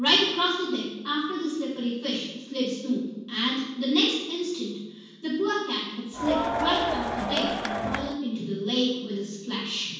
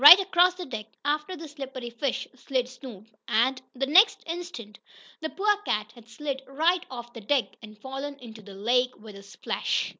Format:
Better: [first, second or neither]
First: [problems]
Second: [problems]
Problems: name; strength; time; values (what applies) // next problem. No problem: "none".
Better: second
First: background sound (Crowd); 1 dB below the speech // room echo; dies away in 1.2 s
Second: none